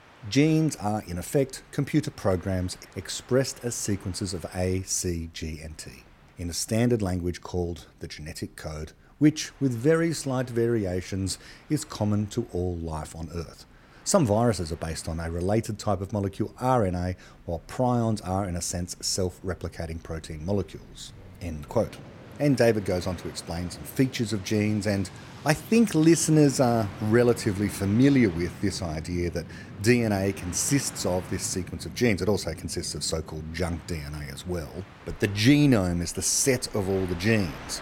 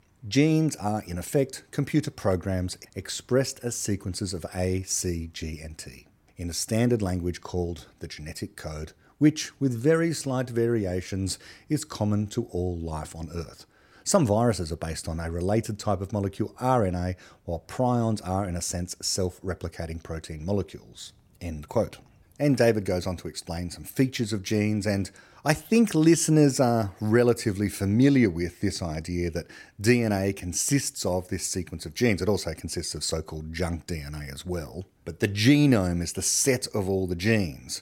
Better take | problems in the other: second | train or aircraft noise; noticeable; throughout; 20 dB below the speech

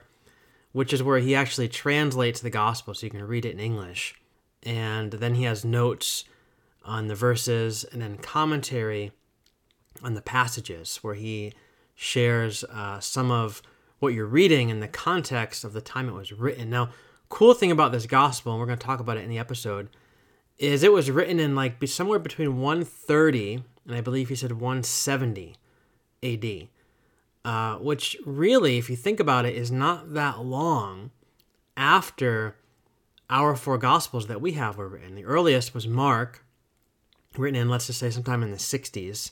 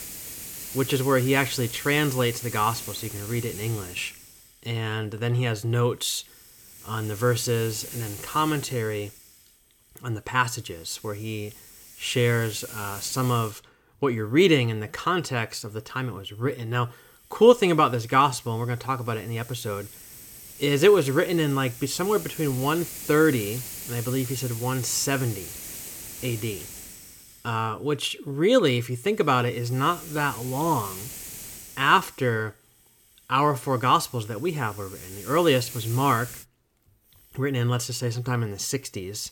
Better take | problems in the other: first | hiss; noticeable; throughout; 15 dB below the speech

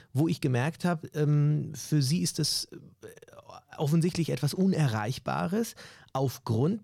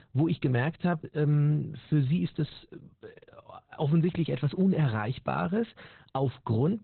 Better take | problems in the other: first | garbled, watery; badly; nothing above 4 kHz

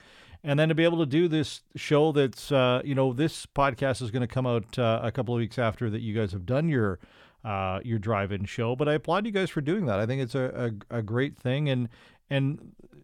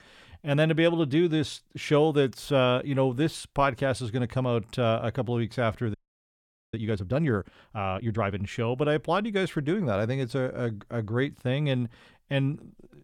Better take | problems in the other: first | audio freezing; at 6 s for 1 s

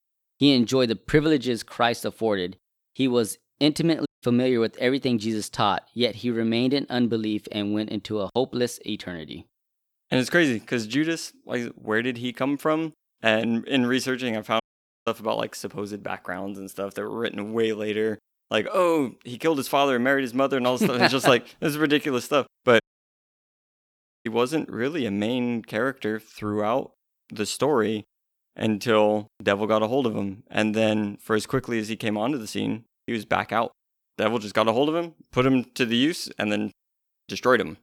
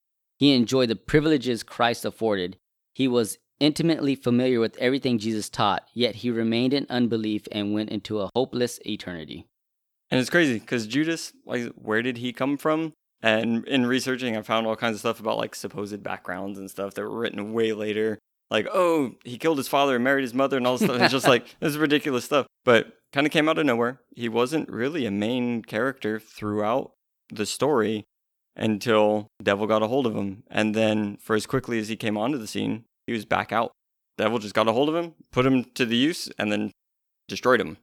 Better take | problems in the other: second | audio cutting out; at 4 s, at 15 s and at 23 s for 1.5 s

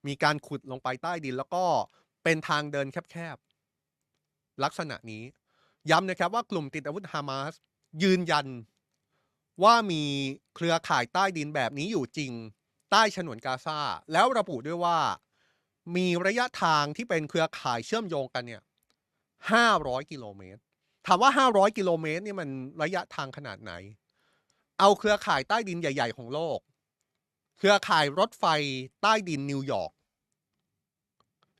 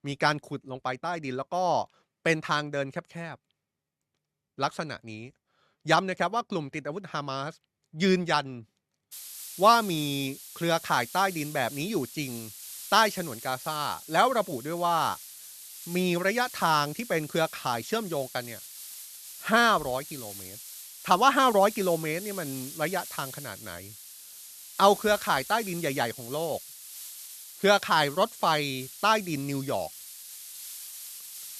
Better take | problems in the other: first | hiss; noticeable; from 9 s on; 15 dB below the speech

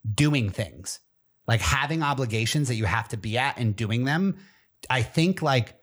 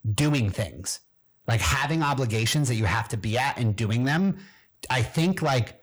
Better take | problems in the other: first | distortion; slight; 10 dB below the speech

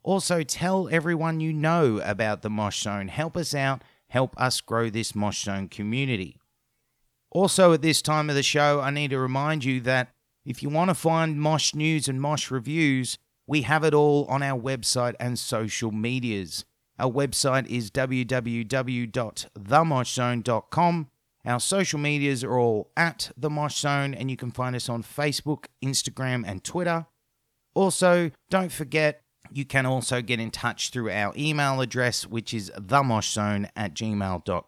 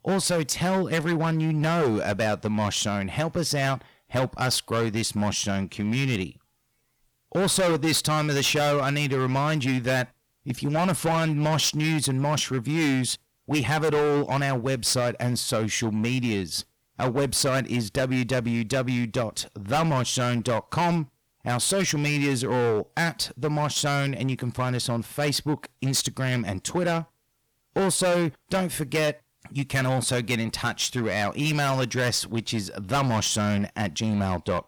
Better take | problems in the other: first | distortion; heavy; 14% of the sound clipped

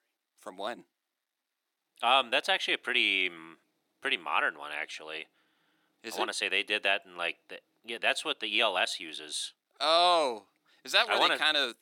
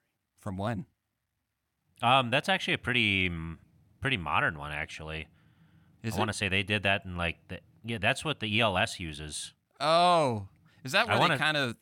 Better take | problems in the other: second | thin; somewhat; fading below 350 Hz

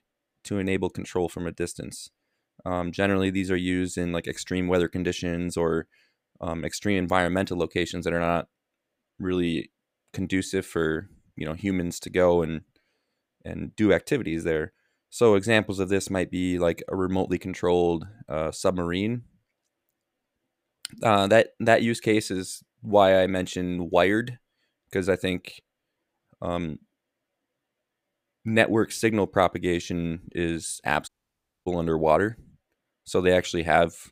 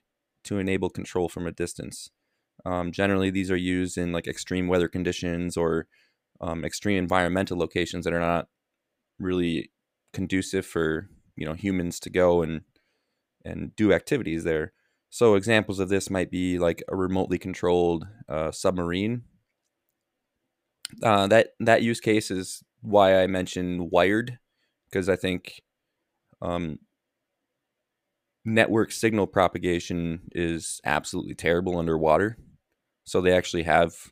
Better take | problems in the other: second | audio cutting out; at 31 s for 0.5 s

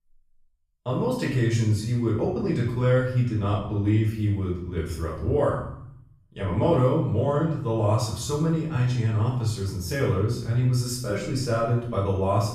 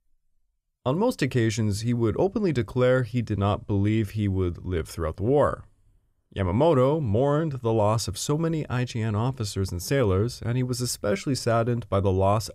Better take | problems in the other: second | off-mic speech; far // room echo; noticeable; dies away in 0.6 s

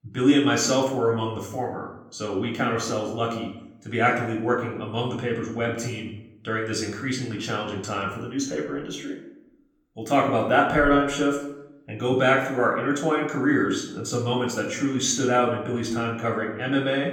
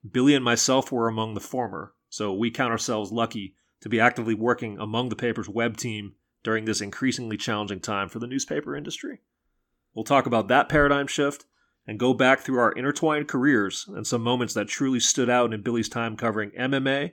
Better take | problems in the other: second | off-mic speech; far // room echo; noticeable; dies away in 0.6 s

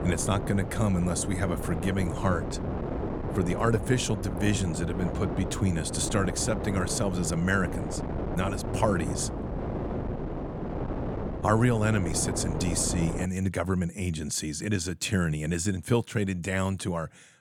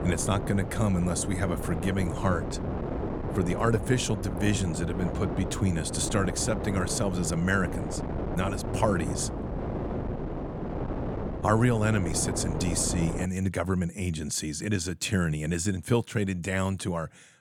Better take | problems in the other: neither | wind noise on the microphone; heavy; until 13 s; 6 dB below the speech; the same in both

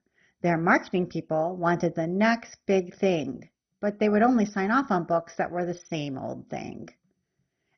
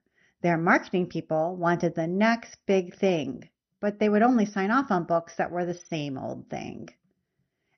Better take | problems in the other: second | garbled, watery; badly; nothing above 6 kHz; slightly in the second

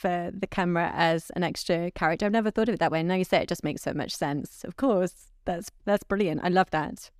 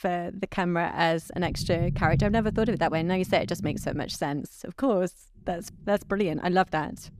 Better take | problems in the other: first | low rumble; noticeable; from 1 to 4.5 s and from 5.5 s on; 15 dB below the speech

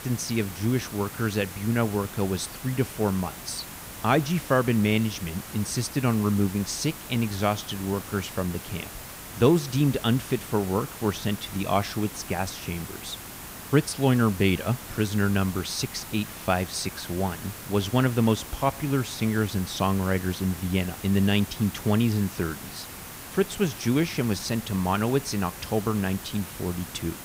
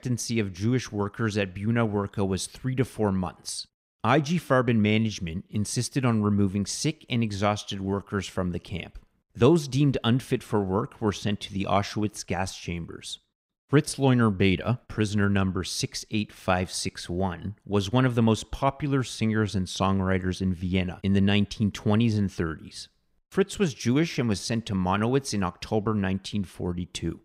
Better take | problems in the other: second | hiss; noticeable; throughout; 10 dB below the speech

